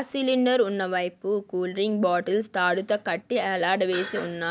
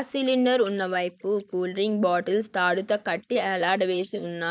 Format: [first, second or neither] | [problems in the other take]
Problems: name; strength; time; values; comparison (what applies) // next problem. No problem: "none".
first | noise reduction (neural mask model Resemble Enhance denoiser)